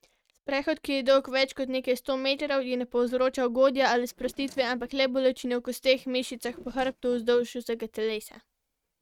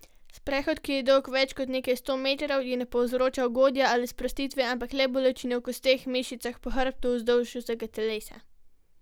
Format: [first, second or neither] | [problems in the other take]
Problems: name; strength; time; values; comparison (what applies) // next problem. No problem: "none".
second | noise reduction (neural mask model RNNoise)